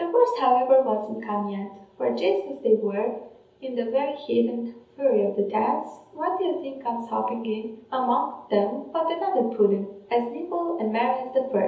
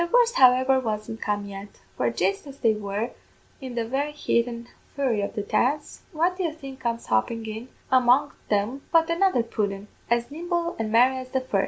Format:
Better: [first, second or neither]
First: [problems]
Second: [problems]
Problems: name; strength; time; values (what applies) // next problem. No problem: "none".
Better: second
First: room echo; dies away in 0.7 s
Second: none